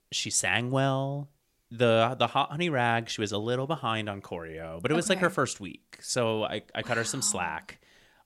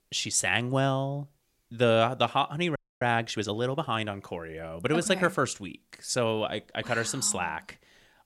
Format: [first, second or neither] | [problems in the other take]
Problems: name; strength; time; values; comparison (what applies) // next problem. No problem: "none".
first | audio freezing; at 3 s